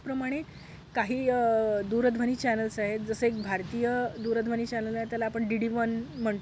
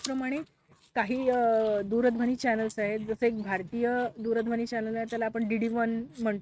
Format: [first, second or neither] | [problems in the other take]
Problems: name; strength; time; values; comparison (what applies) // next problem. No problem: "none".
first | noise reduction (neural mask model RNNoise)